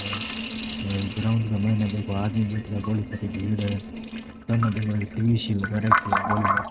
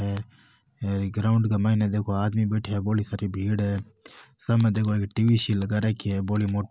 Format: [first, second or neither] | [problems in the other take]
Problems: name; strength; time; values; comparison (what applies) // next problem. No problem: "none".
second | noise reduction (neural mask model RNNoise)